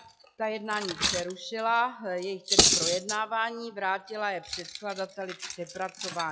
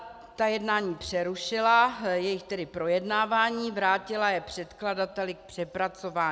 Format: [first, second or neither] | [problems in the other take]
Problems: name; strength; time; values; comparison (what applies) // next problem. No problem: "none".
second | noise reduction (classical method log-MMSE)